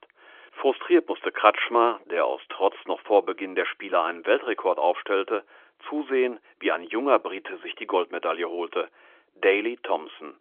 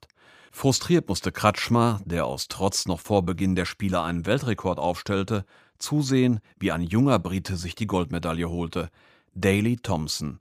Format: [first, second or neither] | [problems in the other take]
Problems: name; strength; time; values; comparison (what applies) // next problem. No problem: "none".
second | phone-call audio; nothing above 3.5 kHz